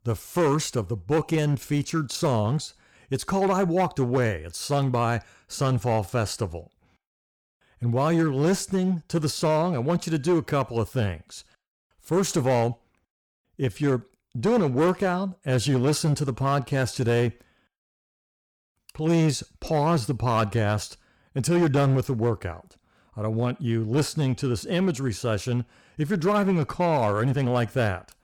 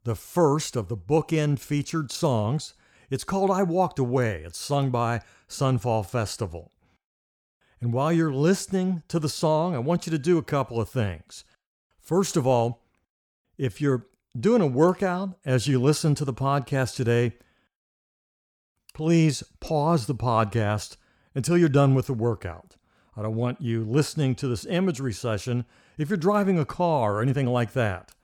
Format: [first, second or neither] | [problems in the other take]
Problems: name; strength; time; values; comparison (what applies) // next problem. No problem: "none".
second | distortion; slight; 7% of the sound clipped